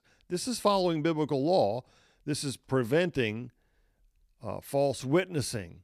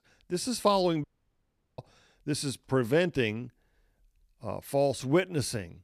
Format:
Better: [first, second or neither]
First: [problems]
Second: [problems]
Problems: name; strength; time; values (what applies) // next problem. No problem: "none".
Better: first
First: none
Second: audio cutting out; at 1 s for 0.5 s